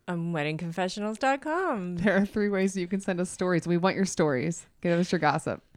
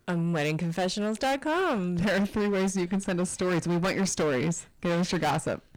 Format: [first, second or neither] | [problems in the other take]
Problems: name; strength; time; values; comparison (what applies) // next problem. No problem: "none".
first | distortion; heavy; 21% of the sound clipped